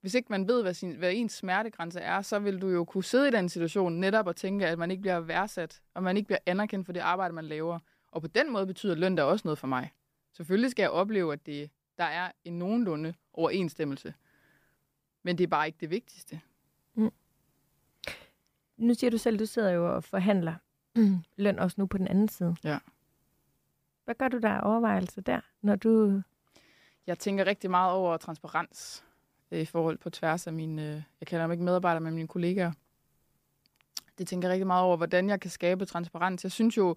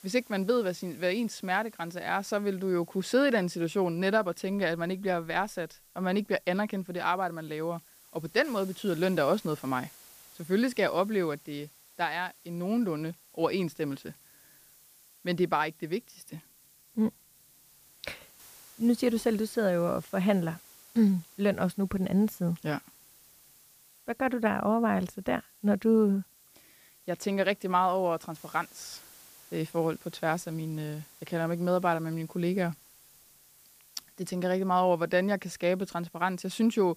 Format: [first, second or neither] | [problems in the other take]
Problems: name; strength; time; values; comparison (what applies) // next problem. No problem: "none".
first | hiss; faint; throughout; 25 dB below the speech